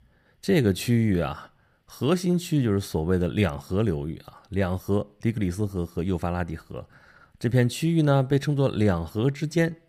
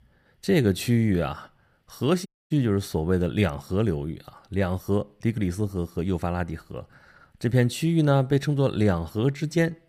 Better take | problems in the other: first | audio cutting out; at 2.5 s

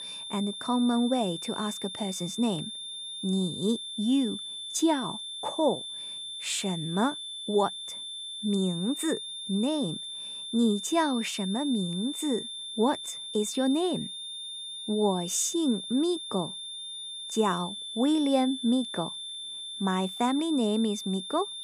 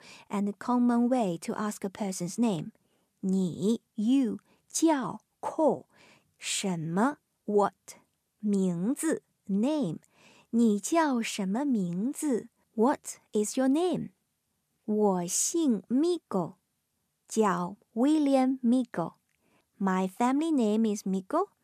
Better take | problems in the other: second | high-pitched whine; loud; throughout; 3.5 kHz, 7 dB below the speech

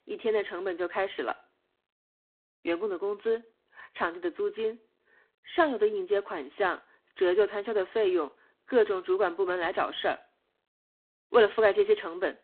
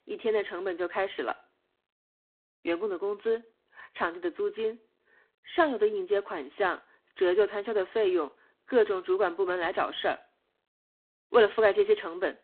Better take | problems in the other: neither | phone-call audio; poor line; the same in both

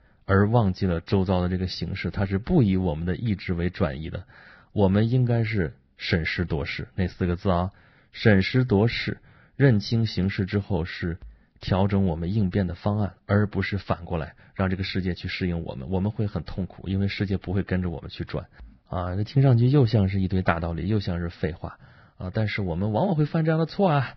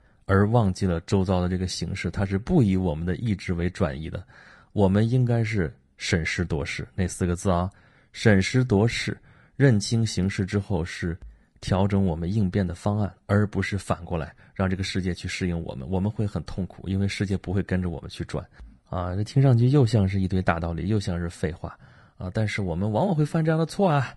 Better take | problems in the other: second | garbled, watery; badly; nothing above 5.5 kHz; slightly in the second

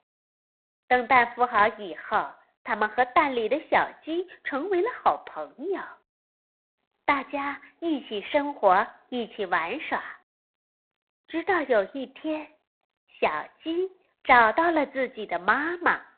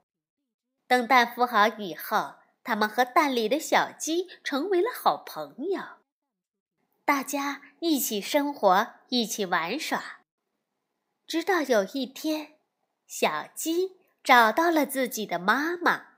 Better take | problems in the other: second | phone-call audio; poor line; nothing above 4 kHz

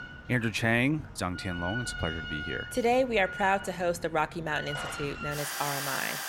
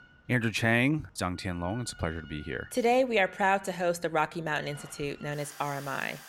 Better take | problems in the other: second | machinery noise; loud; throughout; 7 dB below the speech; faint in the second

